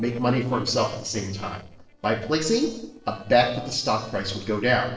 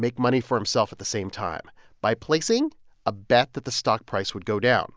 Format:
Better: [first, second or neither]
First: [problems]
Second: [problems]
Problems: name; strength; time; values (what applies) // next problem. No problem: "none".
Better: second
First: noise reduction (neural separator model SepFormer DNS4)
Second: none